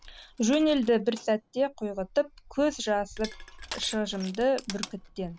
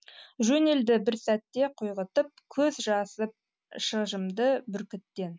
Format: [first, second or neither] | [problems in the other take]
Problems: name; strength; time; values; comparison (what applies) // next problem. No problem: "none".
second | background sound (Crushing); 16 dB below the speech